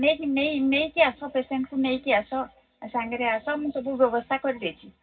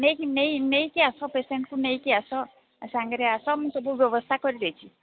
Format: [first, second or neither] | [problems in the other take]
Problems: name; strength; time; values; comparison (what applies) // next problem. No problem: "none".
second | room echo; dies away in 0.4 s